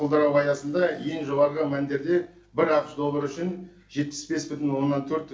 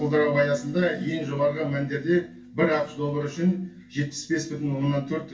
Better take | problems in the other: first | background sound (Bass guitar); 17 dB below the speech // room echo; dies away in 0.1 s

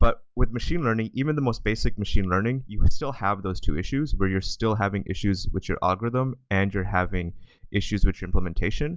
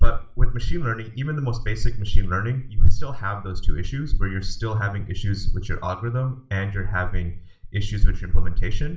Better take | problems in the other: first | room echo; dies away in 0.4 s

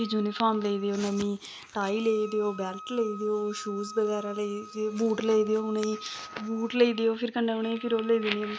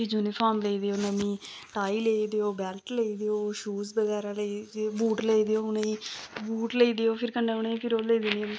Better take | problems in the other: second | background sound (Wind instrument, woodwind instrument); 16 dB below the speech

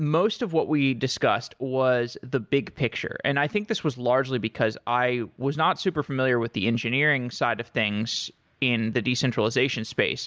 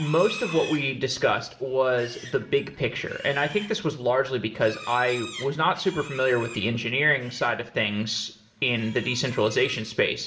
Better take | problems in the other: first | background sound (Livestock, farm animals, working animals); 16 dB below the speech // room echo; dies away in 0.5 s

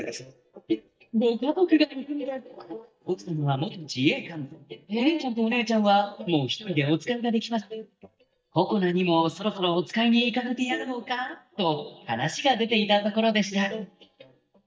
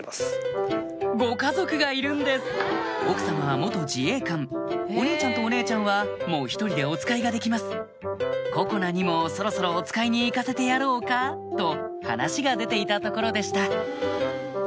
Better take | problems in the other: second | noise reduction (neural mask model DeepFilterNet 3)

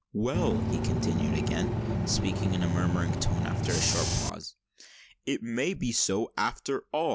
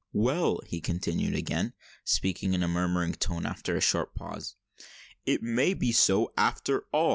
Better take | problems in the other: second | background sound (Bus / Engine); 2 dB above the speech

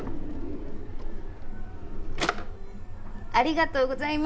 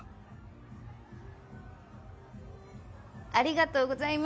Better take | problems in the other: second | background sound (Drawer open or close); 1 dB above the speech // room echo; dies away in 0.3 s

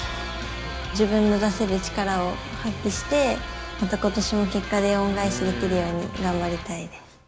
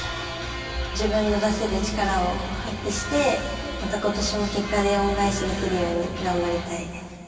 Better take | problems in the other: first | room echo; dies away in 2.5 s

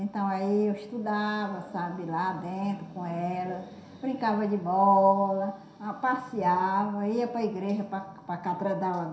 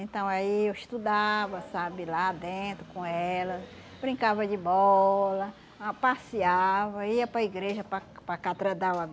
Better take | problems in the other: second | room echo; dies away in 0.7 s

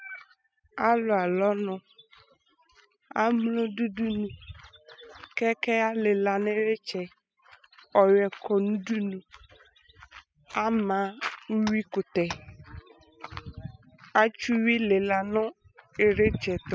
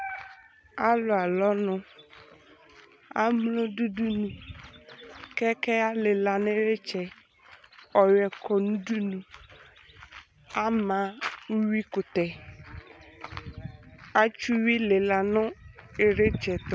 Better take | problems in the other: second | noise reduction (classical method spectral subtraction)

